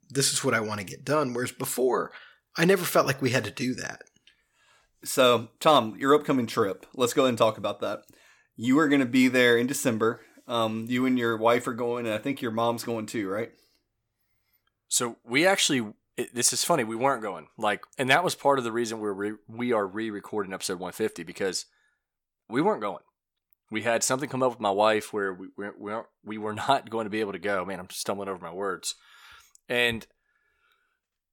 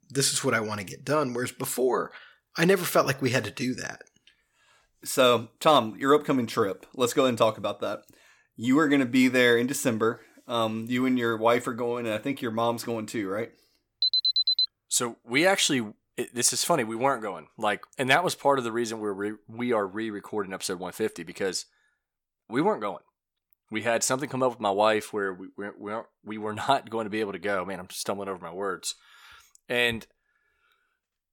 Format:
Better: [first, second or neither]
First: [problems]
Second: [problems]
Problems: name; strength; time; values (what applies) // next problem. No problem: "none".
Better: first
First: none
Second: alarm; loud; at 14 s; peak 5 dB above the speech